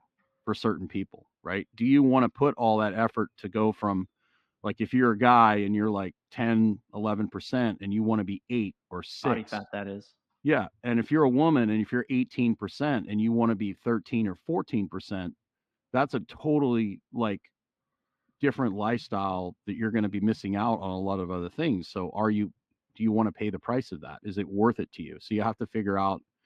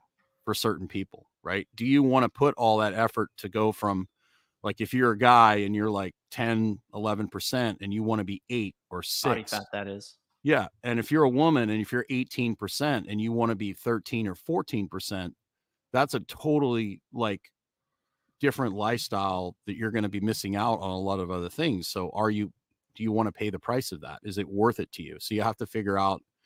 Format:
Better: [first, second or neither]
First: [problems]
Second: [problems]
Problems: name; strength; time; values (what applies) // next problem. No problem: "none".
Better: second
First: muffled; slightly; fading above 3 kHz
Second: none